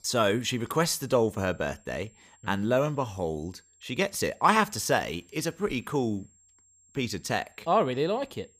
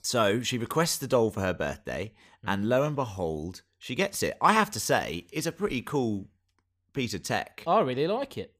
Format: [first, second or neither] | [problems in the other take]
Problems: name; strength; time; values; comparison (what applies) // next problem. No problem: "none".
second | high-pitched whine; faint; throughout; 7.5 kHz, 30 dB below the speech